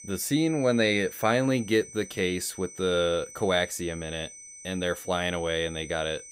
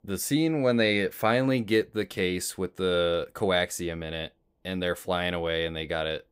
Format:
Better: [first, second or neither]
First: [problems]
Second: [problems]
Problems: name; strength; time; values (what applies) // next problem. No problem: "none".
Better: second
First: high-pitched whine; noticeable; throughout; 6 kHz, 15 dB below the speech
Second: none